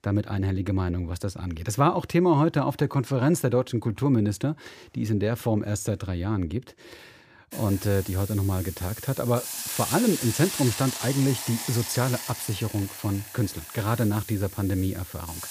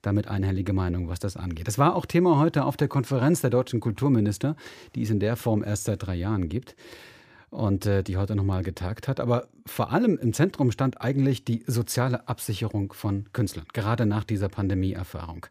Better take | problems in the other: second | hiss; loud; from 7.5 s on; 7 dB below the speech

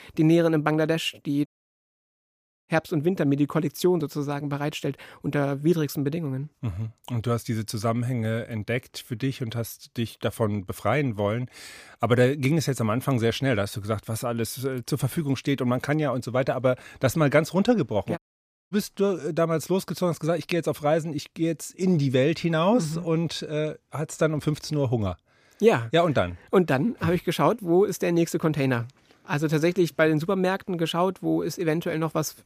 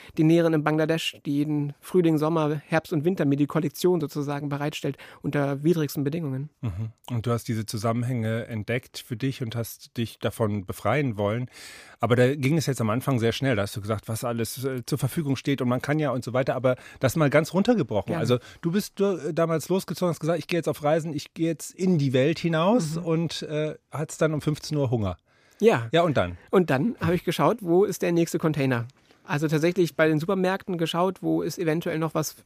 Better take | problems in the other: second | audio cutting out; at 1.5 s for 1 s and at 18 s for 0.5 s

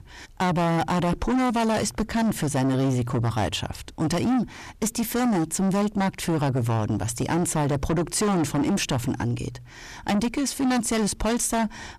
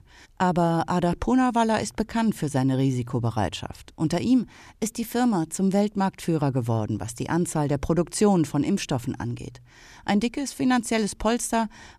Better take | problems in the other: second | distortion; heavy; 6 dB below the speech

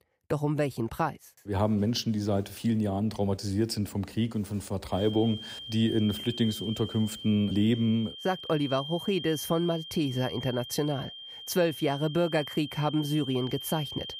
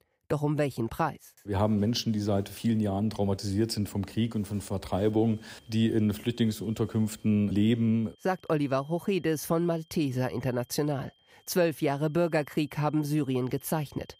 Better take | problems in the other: second | high-pitched whine; loud; from 5 s on; 3 kHz, 10 dB below the speech; faint in the second

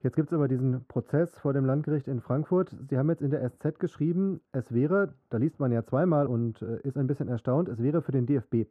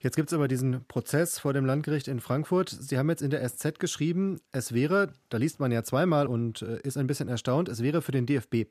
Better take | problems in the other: second | muffled; very; fading above 2 kHz

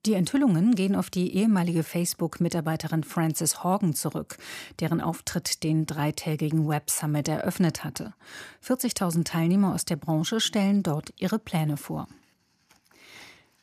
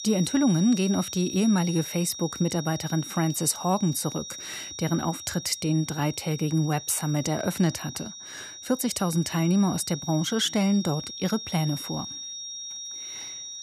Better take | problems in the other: first | high-pitched whine; loud; throughout; 5.5 kHz, 10 dB below the speech

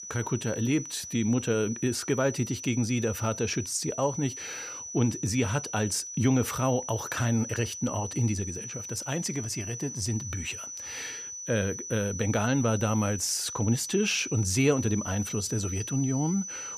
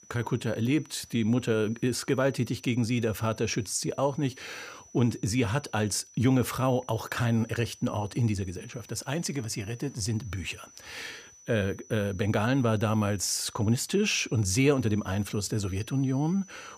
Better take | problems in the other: second | high-pitched whine; loud; throughout; 6 kHz, 8 dB below the speech; faint in the second

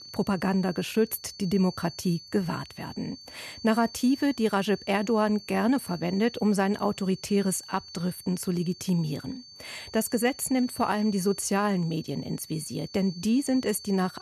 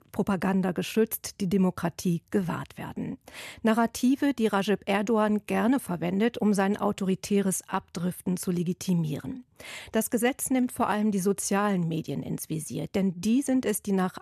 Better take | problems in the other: second | high-pitched whine; noticeable; throughout; 4.5 kHz, 15 dB below the speech

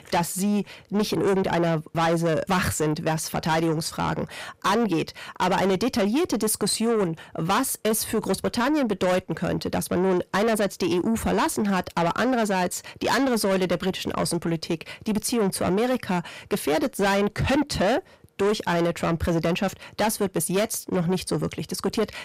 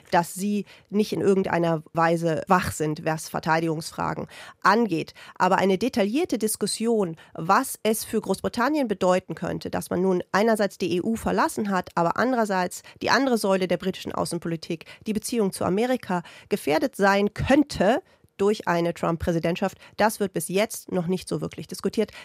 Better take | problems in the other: second | distortion; heavy; 7 dB below the speech

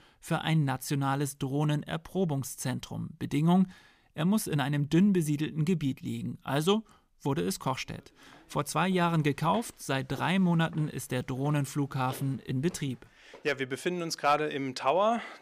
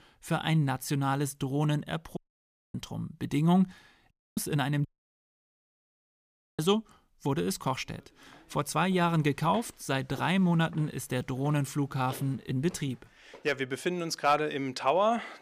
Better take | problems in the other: first | audio cutting out; at 2 s for 0.5 s, at 4 s and at 5 s for 1.5 s

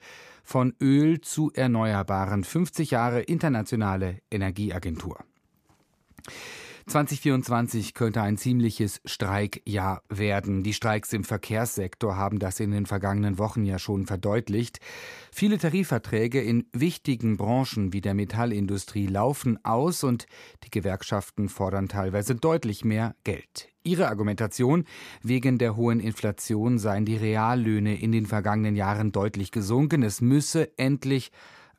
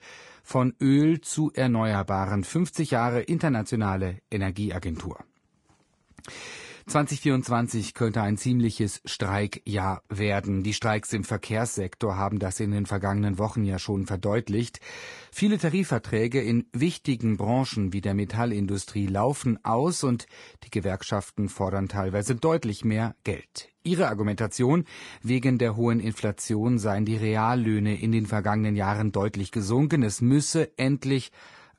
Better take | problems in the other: first | garbled, watery; slightly; nothing above 10.5 kHz

